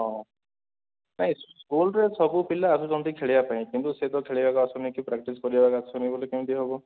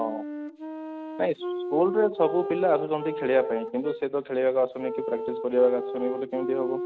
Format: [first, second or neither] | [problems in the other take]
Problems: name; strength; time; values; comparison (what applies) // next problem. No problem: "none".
first | background sound (Wind instrument, woodwind instrument); 6 dB below the speech